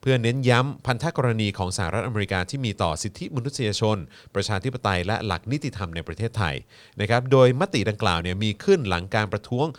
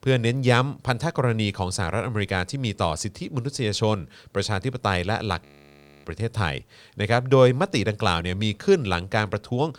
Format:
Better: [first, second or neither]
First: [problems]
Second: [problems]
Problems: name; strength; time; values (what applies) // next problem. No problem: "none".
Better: first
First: none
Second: audio freezing; at 5.5 s for 0.5 s